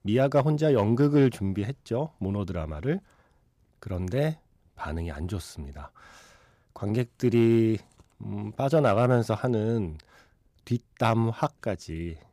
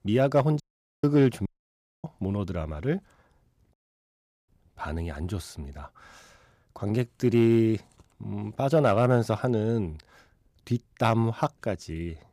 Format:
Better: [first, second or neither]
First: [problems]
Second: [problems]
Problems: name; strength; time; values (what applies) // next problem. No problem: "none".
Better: first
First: none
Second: audio cutting out; at 0.5 s, at 1.5 s for 0.5 s and at 3.5 s for 0.5 s